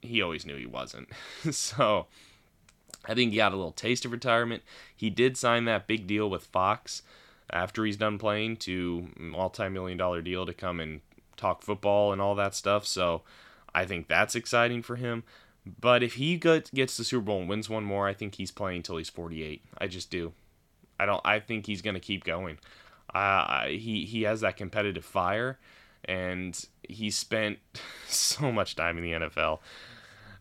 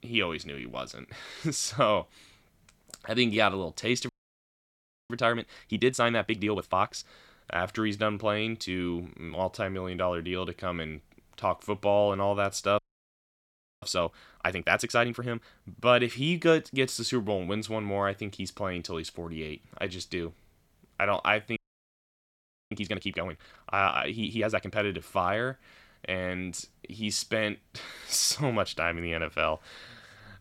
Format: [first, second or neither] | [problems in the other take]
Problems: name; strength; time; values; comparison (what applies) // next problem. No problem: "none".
first | audio freezing; at 4 s for 1 s, at 13 s for 1 s and at 22 s for 1 s